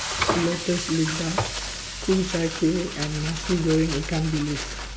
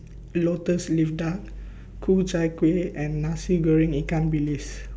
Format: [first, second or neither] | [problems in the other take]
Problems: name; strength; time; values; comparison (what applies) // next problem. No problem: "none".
second | background sound (Frying (food)); 5 dB below the speech